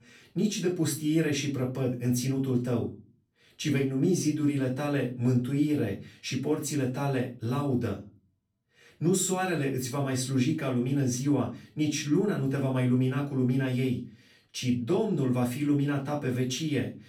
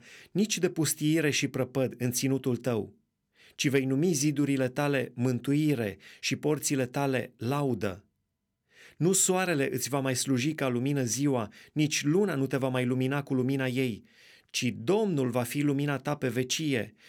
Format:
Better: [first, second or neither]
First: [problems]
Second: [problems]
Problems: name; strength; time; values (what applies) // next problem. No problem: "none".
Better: second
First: off-mic speech; far // room echo; slight; dies away in 0.3 s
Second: none